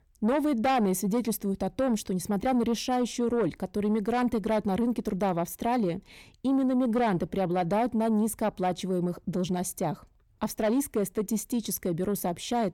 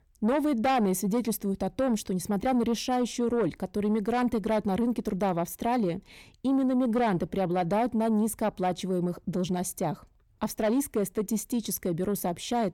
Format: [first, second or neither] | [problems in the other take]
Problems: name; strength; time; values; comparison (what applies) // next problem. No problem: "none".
neither | distortion; slight; 10 dB below the speech; the same in both